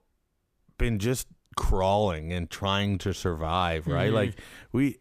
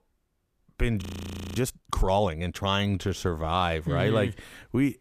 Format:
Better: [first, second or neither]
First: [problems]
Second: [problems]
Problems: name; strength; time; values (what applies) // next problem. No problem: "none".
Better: first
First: none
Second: audio freezing; at 1 s for 0.5 s